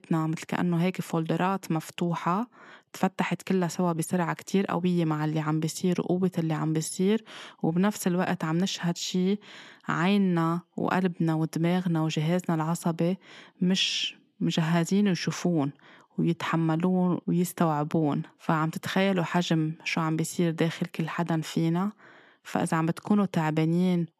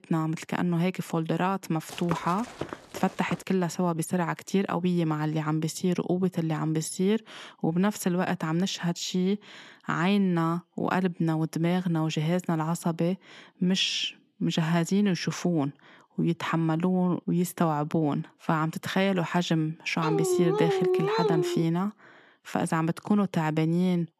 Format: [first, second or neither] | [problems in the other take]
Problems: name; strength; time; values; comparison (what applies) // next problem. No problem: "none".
first | footsteps; noticeable; from 2 to 3.5 s; peak 10 dB below the speech // dog barking; loud; from 20 to 22 s; peak 2 dB above the speech